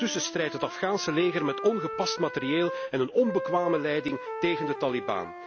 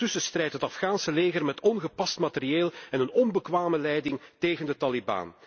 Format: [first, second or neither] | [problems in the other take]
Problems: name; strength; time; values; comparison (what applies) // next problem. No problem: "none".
second | background sound (Wind instrument, woodwind instrument); 8 dB below the speech